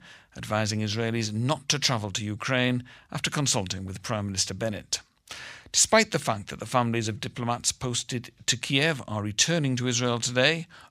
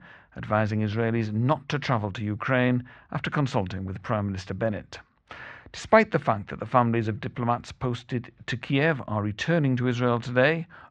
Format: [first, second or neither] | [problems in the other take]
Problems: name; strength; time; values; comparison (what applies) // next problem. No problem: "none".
first | muffled; very; fading above 1.5 kHz